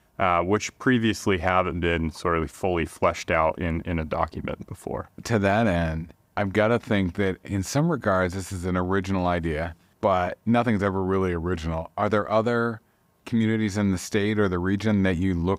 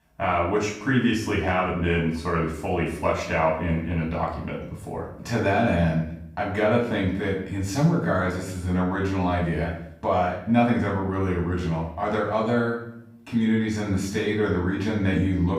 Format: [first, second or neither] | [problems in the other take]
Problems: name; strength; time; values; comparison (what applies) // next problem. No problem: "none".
first | off-mic speech; far // room echo; noticeable; dies away in 0.6 s